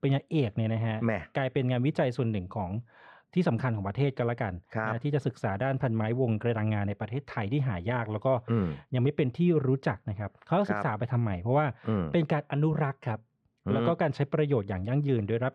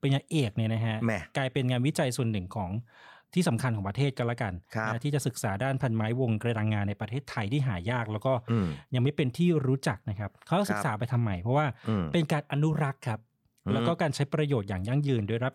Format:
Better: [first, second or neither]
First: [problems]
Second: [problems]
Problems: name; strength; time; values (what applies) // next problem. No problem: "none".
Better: second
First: muffled; slightly; fading above 2.5 kHz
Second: none